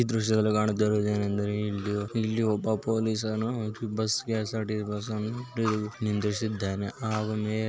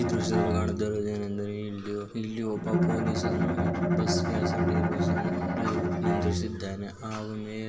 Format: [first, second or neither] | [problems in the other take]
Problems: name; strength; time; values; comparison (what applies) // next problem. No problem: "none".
first | background sound (Bowed string instrument); 4 dB above the speech // room echo; dies away in 0.9 s